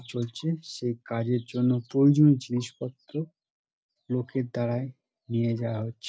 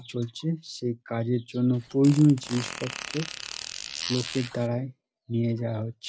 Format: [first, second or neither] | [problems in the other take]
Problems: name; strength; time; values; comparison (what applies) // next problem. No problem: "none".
first | background sound (Fart); 10 dB below the speech